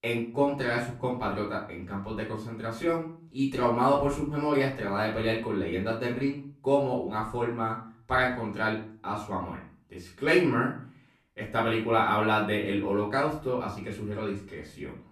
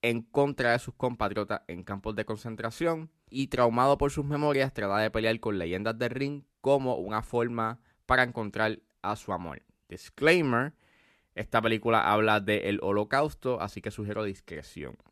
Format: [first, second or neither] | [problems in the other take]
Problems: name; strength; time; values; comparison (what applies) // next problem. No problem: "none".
second | off-mic speech; far // room echo; slight; dies away in 0.4 s